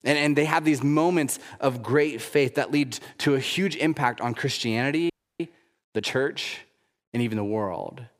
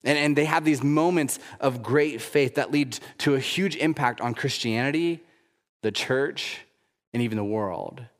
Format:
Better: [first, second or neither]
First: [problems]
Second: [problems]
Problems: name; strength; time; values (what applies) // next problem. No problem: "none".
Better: second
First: audio freezing; at 5 s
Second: none